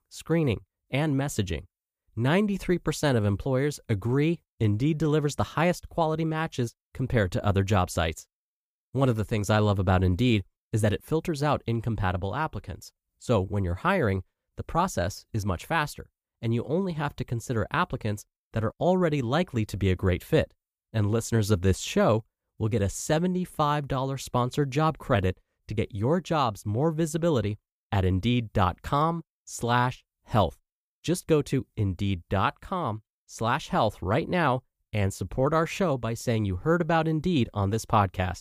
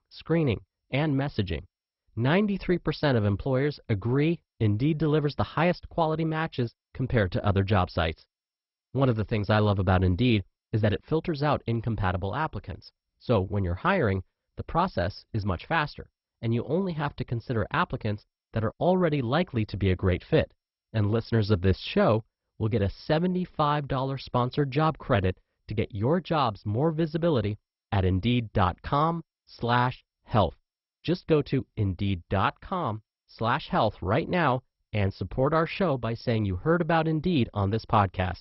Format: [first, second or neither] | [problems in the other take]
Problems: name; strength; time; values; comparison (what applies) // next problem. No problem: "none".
first | garbled, watery; badly; nothing above 5.5 kHz